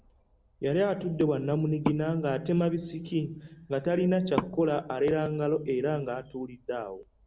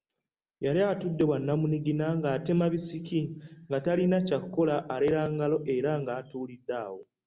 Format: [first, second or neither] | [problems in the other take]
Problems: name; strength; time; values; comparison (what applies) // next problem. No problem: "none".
second | background sound (Wood); 13 dB below the speech